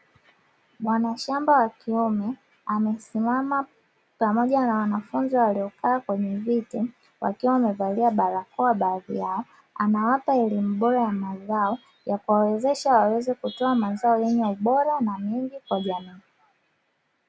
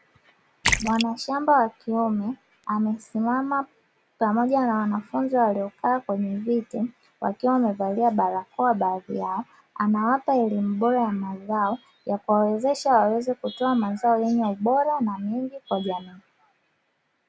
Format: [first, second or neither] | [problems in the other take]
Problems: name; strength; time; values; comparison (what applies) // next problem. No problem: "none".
first | background sound (Splash, splatter); 7 dB below the speech